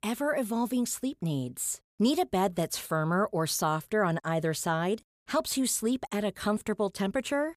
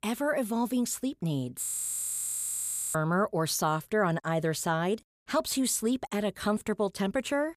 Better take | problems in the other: first | audio freezing; at 1.5 s for 1.5 s

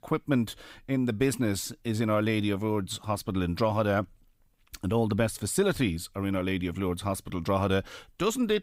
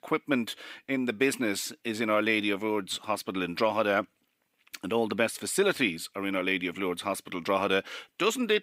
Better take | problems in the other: first | thin; very slightly; fading below 300 Hz

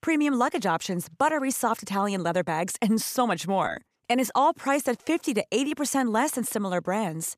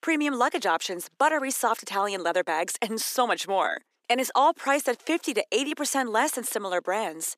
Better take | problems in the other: first | thin; somewhat; fading below 300 Hz

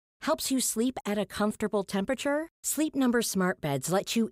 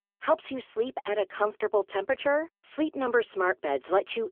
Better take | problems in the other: first | phone-call audio; poor line; nothing above 3.5 kHz

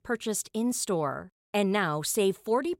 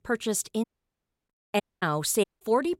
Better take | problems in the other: first | audio cutting out; at 0.5 s for 0.5 s, at 1.5 s and at 2 s

